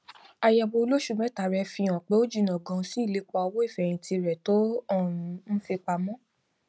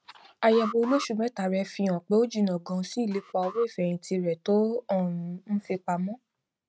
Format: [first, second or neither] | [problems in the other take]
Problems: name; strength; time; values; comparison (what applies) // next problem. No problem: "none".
first | noise reduction (neural mask model RNNoise)